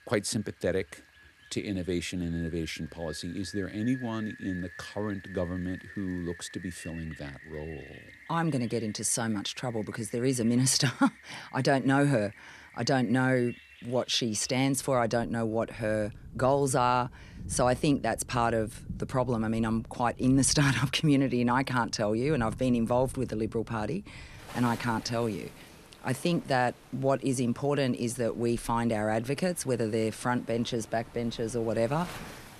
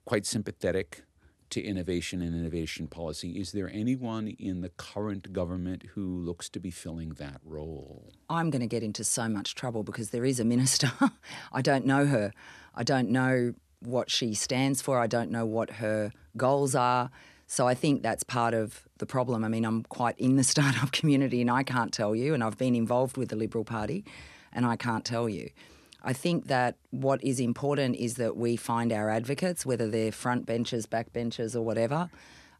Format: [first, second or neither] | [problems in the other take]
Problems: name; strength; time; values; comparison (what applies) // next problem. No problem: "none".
second | rain or running water; noticeable; throughout; 20 dB below the speech